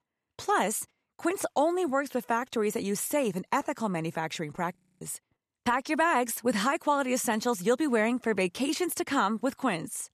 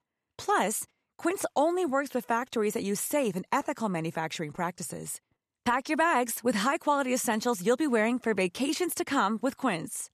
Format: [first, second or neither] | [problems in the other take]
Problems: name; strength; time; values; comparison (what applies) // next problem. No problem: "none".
second | audio freezing; at 5 s